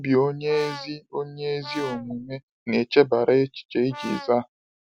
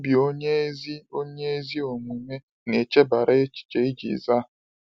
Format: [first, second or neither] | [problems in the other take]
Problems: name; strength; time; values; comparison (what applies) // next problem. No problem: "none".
second | background sound (Brass instrument); 15 dB below the speech